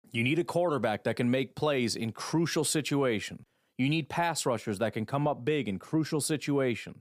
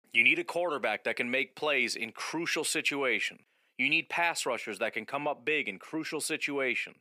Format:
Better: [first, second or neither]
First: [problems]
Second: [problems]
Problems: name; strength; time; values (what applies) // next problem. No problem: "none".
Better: first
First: none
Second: thin; somewhat; fading below 350 Hz